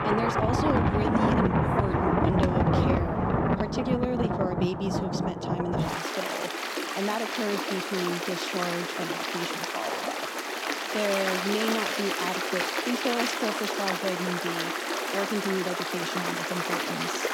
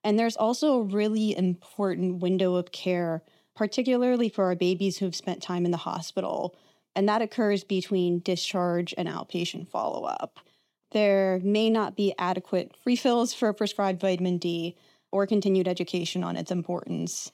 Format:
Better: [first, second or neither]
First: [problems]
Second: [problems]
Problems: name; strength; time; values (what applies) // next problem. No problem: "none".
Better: second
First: rain or running water; very loud; throughout; 4 dB above the speech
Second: none